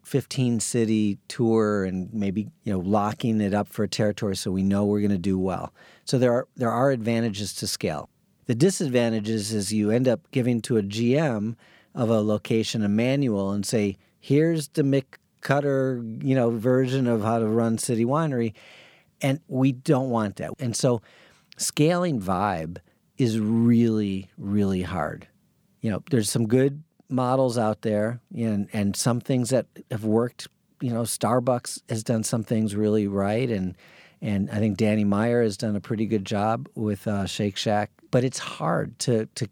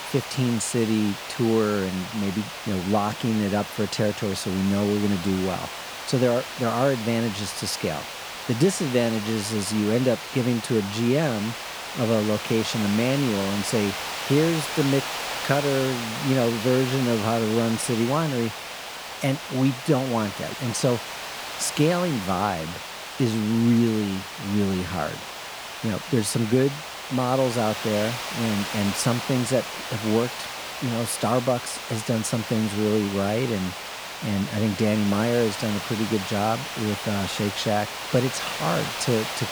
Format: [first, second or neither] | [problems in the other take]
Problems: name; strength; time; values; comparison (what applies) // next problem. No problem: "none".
first | hiss; loud; throughout; 7 dB below the speech